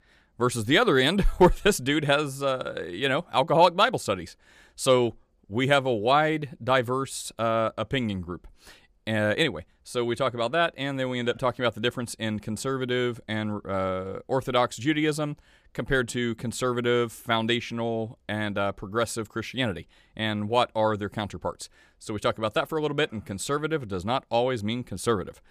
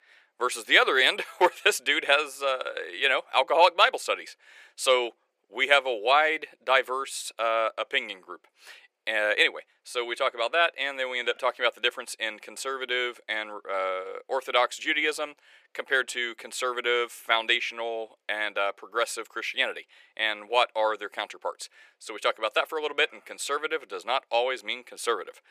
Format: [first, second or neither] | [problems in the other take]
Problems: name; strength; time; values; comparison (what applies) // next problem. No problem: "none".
first | thin; very; fading below 450 Hz